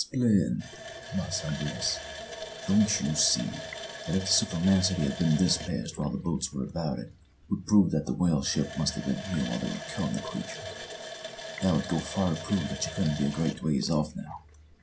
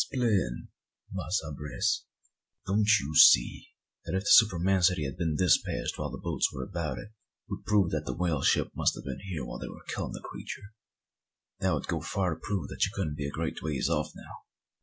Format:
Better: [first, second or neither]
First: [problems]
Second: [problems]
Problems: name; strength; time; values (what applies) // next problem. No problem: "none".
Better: second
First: background sound (Water tap, faucet); 12 dB below the speech // room echo; dies away in 0.3 s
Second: none